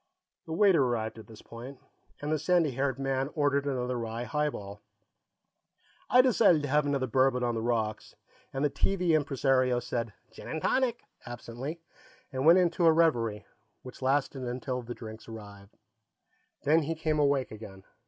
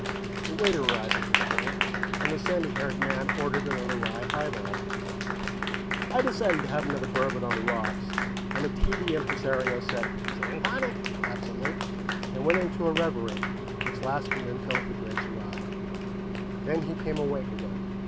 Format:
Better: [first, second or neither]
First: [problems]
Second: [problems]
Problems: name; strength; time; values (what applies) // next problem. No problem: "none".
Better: first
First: none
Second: background sound (Applause + Engine); 2 dB above the speech